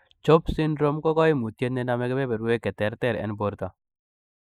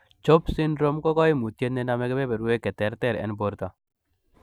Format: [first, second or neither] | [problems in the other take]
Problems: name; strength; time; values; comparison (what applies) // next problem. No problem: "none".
second | noise reduction (neural mask model Resemble Enhance denoiser)